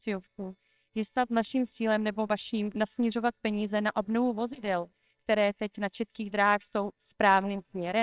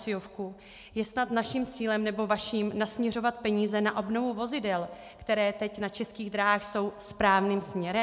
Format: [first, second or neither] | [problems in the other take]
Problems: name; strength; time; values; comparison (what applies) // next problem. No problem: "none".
second | noise reduction (neural separator model SepFormer WHAMR!)